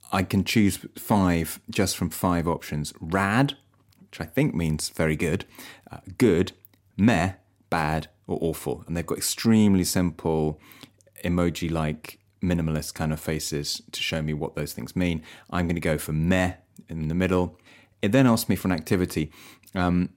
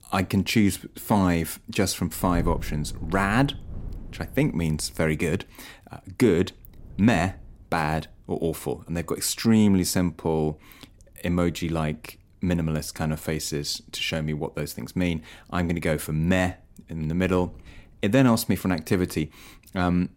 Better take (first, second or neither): first